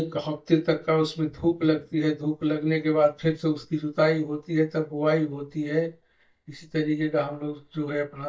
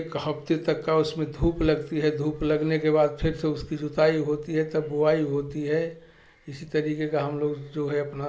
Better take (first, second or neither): second